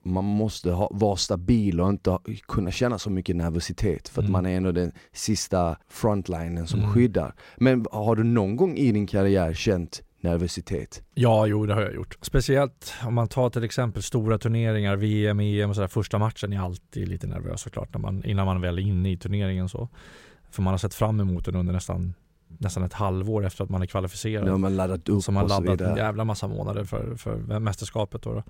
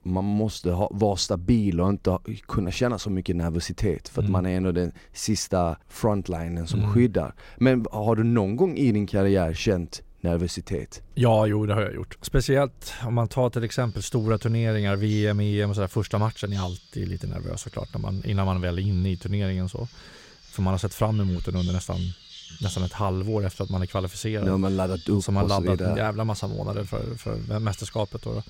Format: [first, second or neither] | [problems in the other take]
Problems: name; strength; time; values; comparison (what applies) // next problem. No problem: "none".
first | animal sounds; faint; throughout; 20 dB below the speech